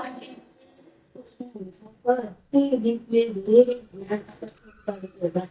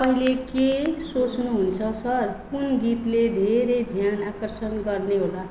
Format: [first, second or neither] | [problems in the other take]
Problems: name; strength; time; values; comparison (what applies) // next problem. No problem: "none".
second | noise reduction (neural mask model DeepFilterNet 3)